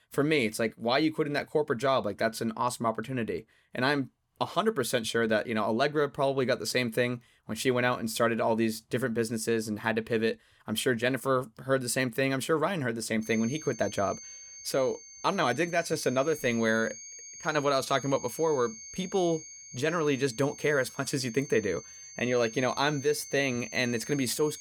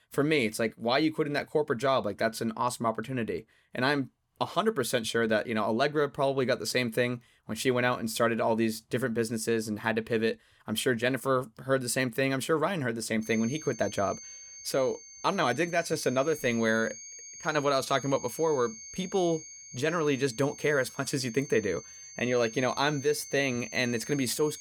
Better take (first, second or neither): neither